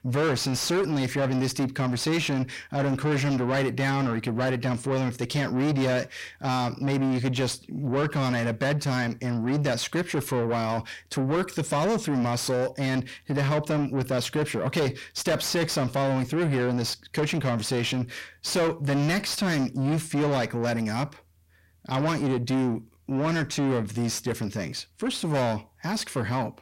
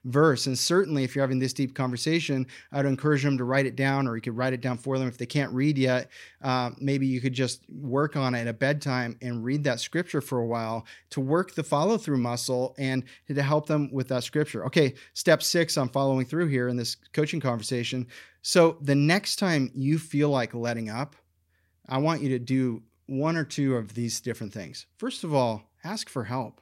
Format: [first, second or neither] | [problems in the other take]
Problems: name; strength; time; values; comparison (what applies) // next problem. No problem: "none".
second | distortion; heavy; 6 dB below the speech